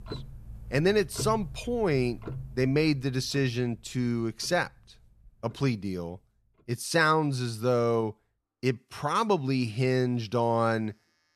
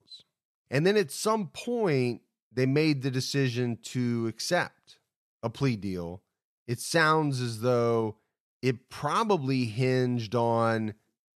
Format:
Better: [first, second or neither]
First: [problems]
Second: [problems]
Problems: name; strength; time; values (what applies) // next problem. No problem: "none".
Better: second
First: household noises; noticeable; throughout; 15 dB below the speech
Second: none